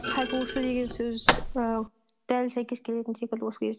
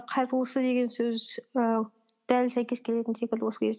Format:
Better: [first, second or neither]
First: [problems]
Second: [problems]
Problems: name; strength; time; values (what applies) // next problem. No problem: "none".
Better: second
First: background sound (Thump, thud); 3 dB below the speech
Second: none